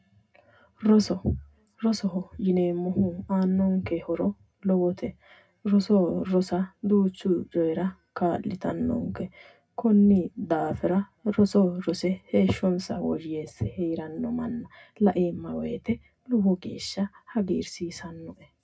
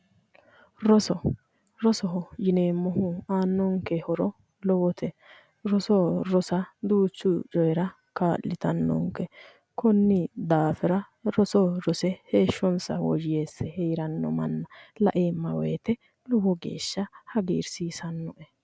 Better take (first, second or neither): second